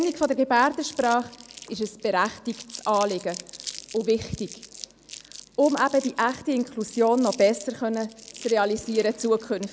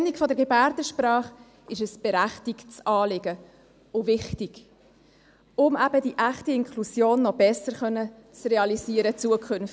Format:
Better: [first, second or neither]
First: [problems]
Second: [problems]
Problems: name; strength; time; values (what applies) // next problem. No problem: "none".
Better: second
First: background sound (Crumpling, crinkling); 18 dB below the speech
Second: none